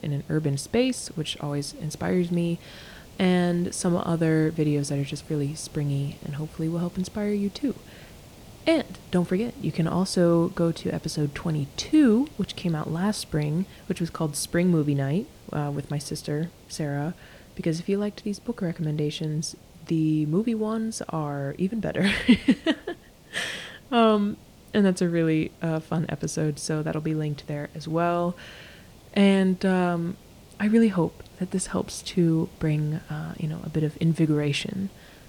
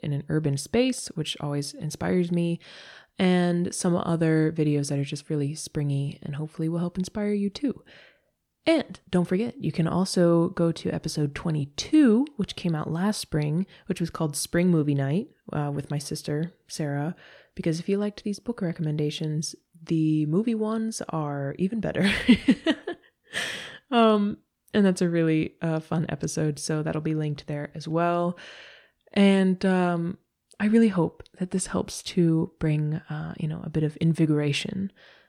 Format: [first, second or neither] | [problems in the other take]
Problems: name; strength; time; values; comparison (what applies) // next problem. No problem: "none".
second | hiss; faint; throughout; 25 dB below the speech